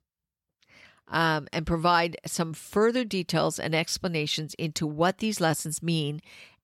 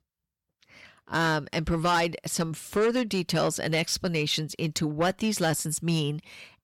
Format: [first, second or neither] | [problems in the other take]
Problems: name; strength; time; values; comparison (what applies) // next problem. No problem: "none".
first | distortion; slight; 10 dB below the speech